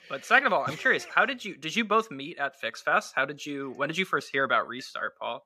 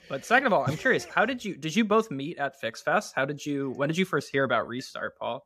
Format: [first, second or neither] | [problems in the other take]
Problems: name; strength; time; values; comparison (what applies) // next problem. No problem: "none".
second | thin; very slightly; fading below 250 Hz